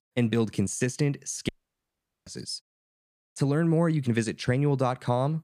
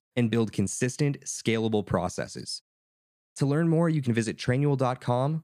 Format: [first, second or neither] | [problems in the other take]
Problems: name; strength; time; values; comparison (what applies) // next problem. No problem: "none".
second | audio cutting out; at 1.5 s for 1 s